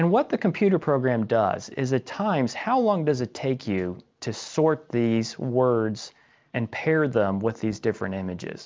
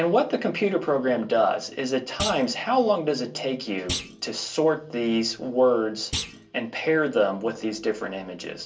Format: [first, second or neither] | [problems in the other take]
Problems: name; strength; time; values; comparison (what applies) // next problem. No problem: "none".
first | background sound (Thump, thud); 13 dB below the speech // room echo; dies away in 0.2 s